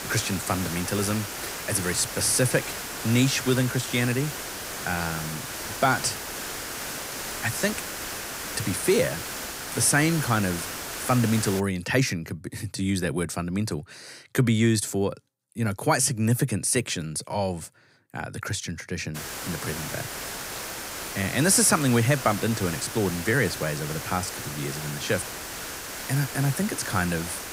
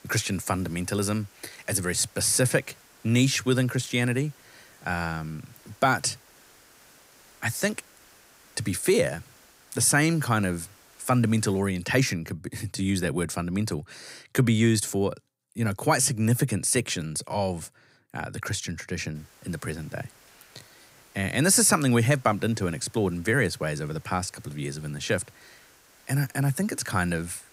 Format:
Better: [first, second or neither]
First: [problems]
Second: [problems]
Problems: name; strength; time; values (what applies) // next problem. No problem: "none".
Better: second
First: hiss; loud; until 12 s and from 19 s on; 7 dB below the speech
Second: hiss; faint; until 12 s and from 19 s on; 30 dB below the speech